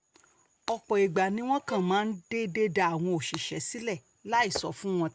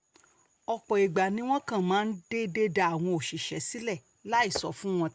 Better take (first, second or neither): second